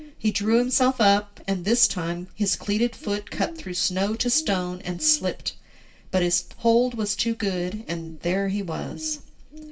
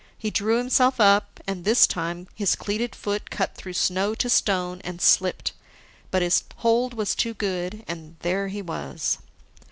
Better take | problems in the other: second | background sound (Bird); 20 dB below the speech // room echo; dies away in 0.2 s

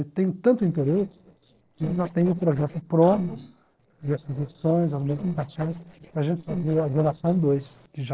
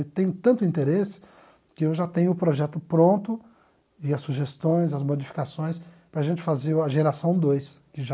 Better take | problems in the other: second | noise reduction (neural separator model SepFormer DNS4)

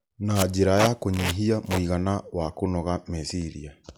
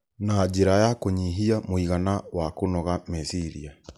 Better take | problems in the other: second | background sound (Packing tape, duct tape); 8 dB below the speech

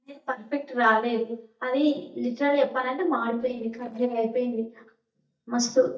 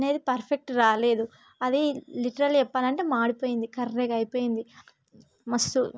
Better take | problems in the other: second | noise reduction (neural mask model DeepFilterNet 3)

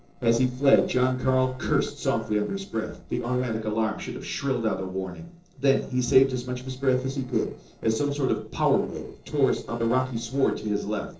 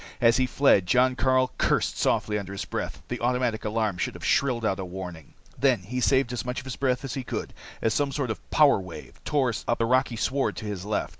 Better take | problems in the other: second | noise reduction (neural separator model SepFormer DNS4)

